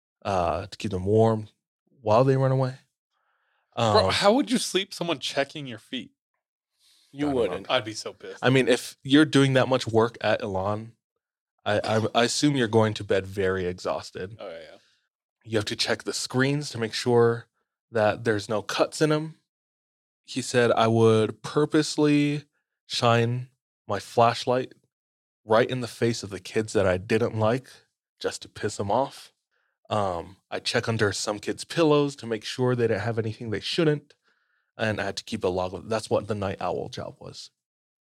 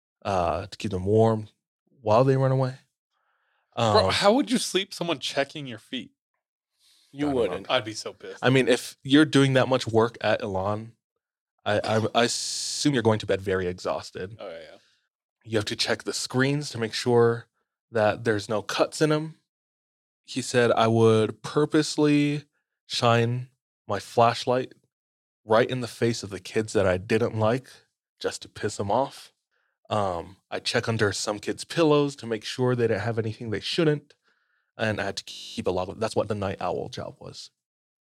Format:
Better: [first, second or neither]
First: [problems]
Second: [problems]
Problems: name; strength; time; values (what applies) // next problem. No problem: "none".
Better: first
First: none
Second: audio freezing; at 12 s and at 35 s